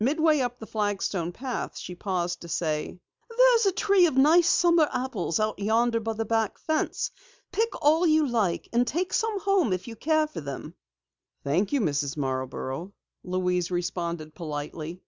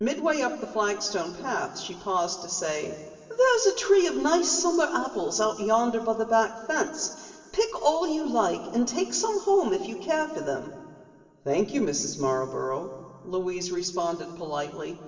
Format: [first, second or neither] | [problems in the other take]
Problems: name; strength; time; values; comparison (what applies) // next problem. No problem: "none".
first | room echo; dies away in 2.7 s